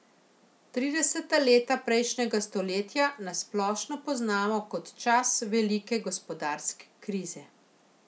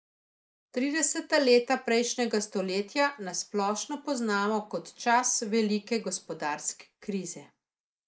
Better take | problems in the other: first | noise reduction (neural mask model Resemble Enhance denoiser)

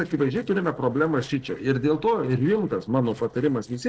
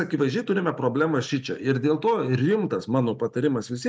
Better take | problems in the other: second | noise reduction (neural separator model SepFormer DNS4)

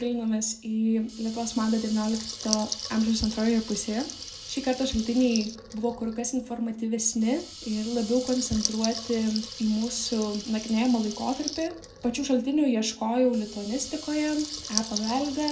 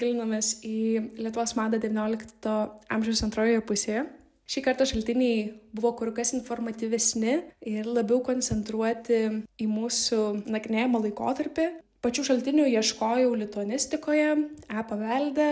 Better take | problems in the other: second | background sound (Water tap, faucet / Liquid); 11 dB below the speech // room echo; dies away in 0.2 s

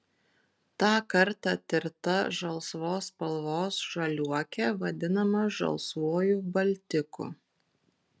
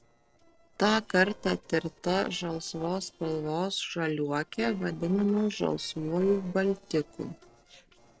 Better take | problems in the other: first | noise reduction (neural separator model SepFormer DNS4)

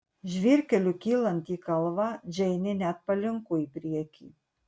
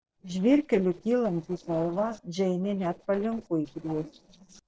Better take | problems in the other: first | noise reduction (neural separator model SepFormer DNS4)

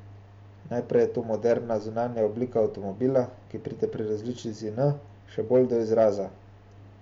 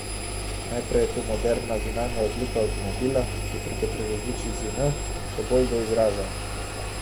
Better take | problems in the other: first | background sound (Engine); 3 dB below the speech

